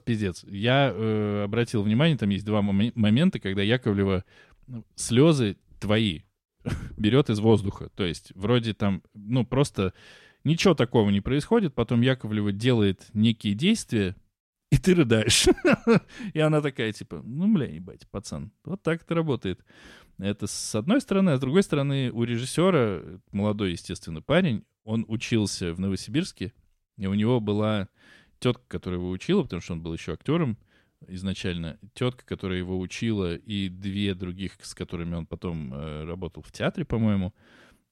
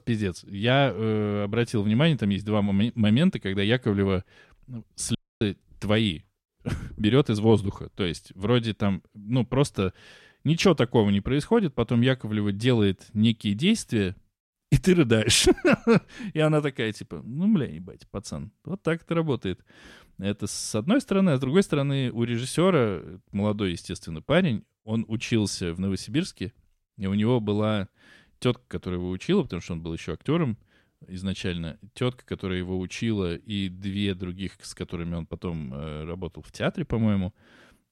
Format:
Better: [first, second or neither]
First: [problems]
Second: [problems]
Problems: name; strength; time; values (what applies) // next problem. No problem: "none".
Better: first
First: none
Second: audio cutting out; at 5 s